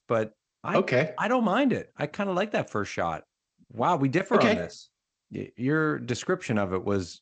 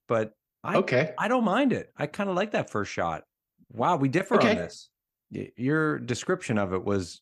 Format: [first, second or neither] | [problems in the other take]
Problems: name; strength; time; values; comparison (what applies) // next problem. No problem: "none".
second | garbled, watery; slightly; nothing above 8 kHz